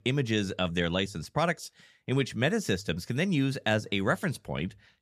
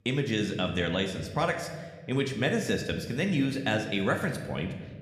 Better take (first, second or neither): first